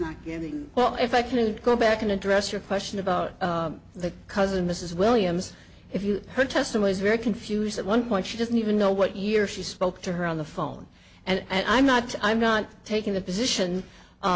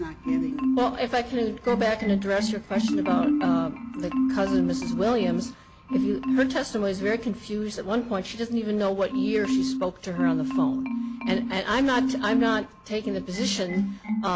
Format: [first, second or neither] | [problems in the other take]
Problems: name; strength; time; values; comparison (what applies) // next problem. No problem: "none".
first | background sound (Marimba, xylophone); as loud as the speech